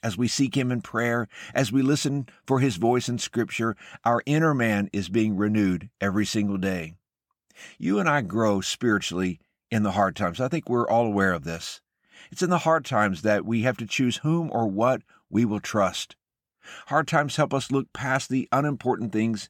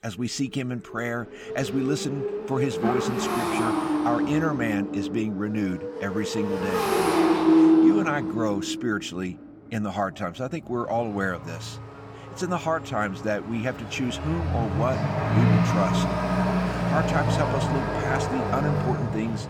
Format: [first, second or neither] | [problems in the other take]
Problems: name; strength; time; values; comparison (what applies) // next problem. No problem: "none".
first | traffic noise; very loud; throughout; 4 dB above the speech